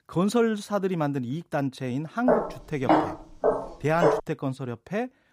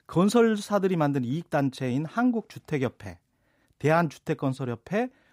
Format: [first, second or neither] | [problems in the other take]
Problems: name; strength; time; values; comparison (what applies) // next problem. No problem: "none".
second | footsteps; loud; from 2.5 to 4 s; peak 5 dB above the speech